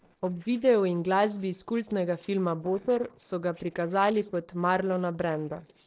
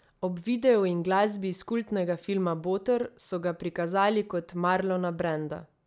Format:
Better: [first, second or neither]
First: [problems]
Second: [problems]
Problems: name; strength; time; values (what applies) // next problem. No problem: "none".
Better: second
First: noise reduction (neural separator model SepFormer DNS4)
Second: none